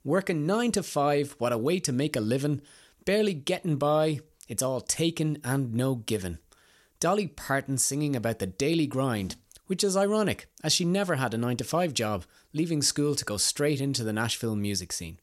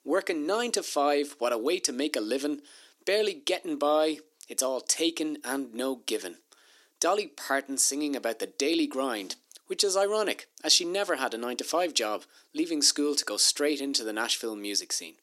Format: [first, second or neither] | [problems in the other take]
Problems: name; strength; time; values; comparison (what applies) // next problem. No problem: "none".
first | thin; very slightly; fading below 300 Hz